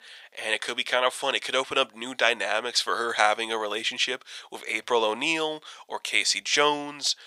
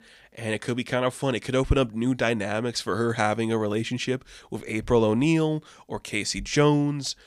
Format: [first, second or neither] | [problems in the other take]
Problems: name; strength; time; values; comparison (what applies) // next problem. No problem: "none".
second | thin; very; fading below 750 Hz